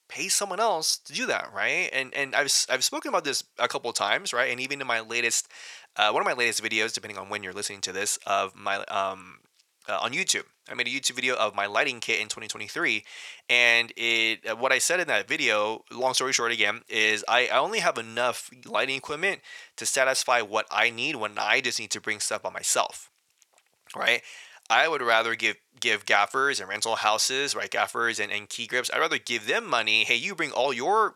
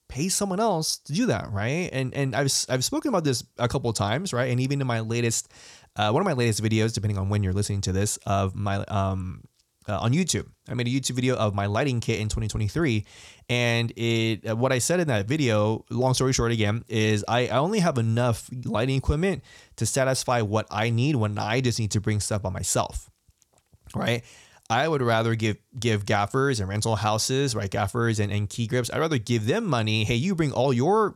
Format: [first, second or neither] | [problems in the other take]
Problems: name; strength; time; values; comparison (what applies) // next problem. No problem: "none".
second | thin; very; fading below 550 Hz